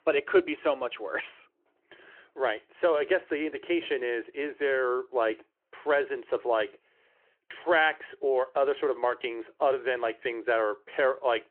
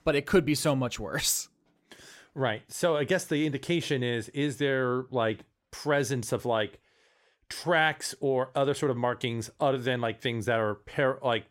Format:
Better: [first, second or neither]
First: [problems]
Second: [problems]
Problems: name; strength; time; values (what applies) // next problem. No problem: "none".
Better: second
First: phone-call audio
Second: none